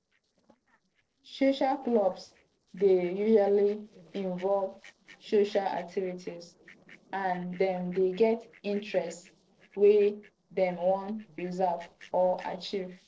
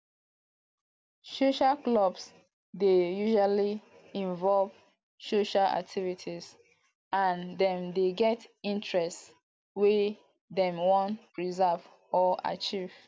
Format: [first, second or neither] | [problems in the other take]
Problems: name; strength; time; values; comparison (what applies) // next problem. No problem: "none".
second | noise reduction (neural separator model SepFormer DNS4)